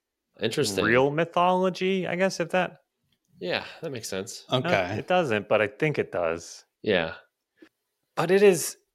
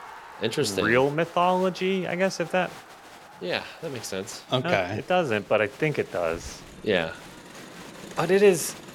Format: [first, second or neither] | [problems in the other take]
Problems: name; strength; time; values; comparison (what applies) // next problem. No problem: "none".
first | crowd noise; noticeable; throughout; 20 dB below the speech